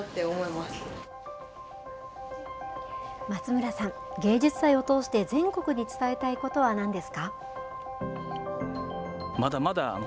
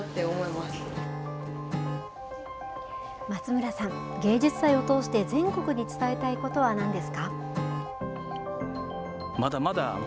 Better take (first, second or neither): first